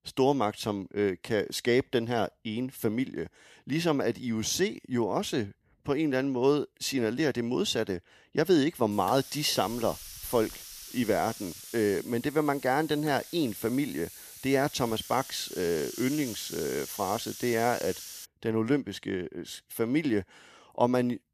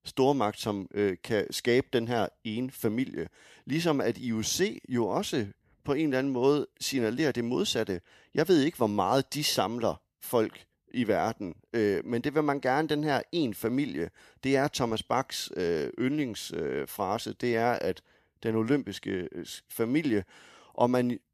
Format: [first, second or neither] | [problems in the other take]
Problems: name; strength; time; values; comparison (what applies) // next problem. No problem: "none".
second | hiss; noticeable; from 9 to 18 s; 15 dB below the speech